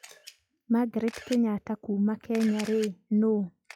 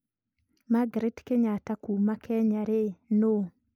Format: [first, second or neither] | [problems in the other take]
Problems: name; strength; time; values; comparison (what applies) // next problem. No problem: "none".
second | noise reduction (classical method log-MMSE)